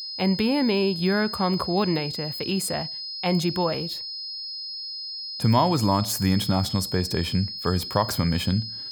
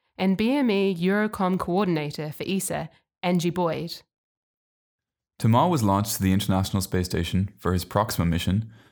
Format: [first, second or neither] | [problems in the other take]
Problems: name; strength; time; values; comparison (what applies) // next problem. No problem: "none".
second | high-pitched whine; loud; throughout; 5 kHz, 7 dB below the speech